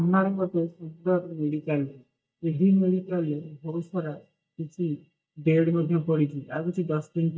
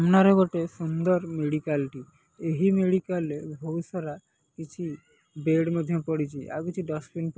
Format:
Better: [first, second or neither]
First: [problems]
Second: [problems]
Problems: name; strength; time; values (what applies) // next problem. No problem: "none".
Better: second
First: noise reduction (neural mask model DeepFilterNet 3)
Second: none